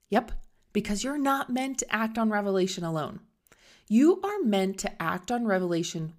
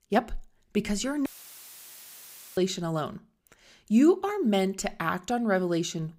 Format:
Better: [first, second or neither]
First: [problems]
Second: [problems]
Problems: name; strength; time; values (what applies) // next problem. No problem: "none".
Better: first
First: none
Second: audio cutting out; filled with static; at 1.5 s for 1.5 s